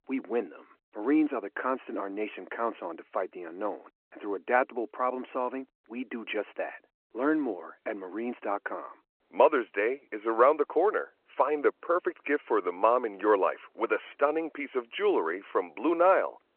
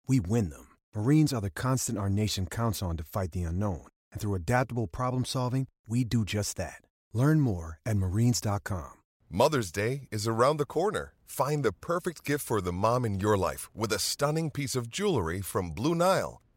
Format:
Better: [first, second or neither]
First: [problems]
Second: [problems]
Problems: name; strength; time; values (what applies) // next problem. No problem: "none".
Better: second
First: phone-call audio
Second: none